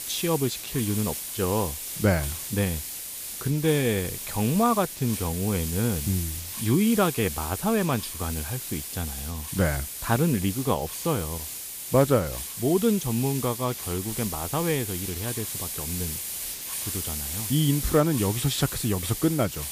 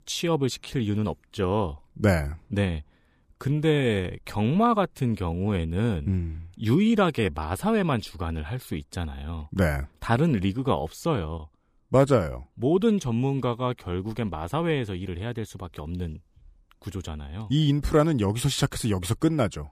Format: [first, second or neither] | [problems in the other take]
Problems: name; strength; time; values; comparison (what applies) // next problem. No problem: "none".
second | hiss; loud; throughout; 5 dB below the speech